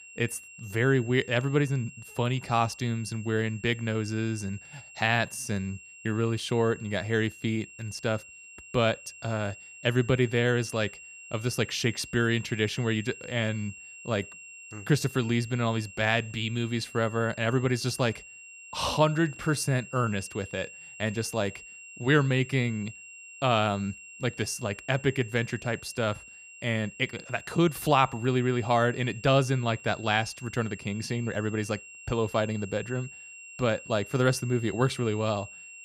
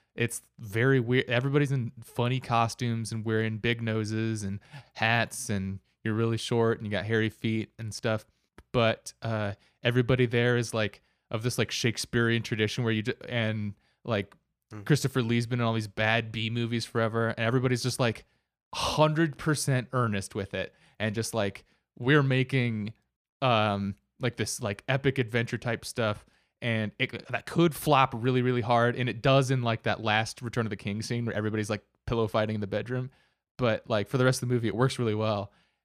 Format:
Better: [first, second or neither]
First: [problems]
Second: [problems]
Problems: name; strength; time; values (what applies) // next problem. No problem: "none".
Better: second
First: high-pitched whine; noticeable; throughout; 2.5 kHz, 15 dB below the speech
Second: none